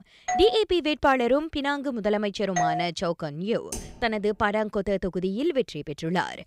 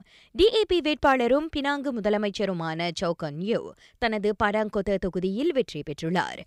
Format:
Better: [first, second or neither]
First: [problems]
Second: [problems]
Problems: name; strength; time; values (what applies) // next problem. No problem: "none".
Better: second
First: doorbell; noticeable; at 0.5 s and at 2.5 s; peak 1 dB below the speech // keyboard typing; faint; at 3.5 s; peak 10 dB below the speech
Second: none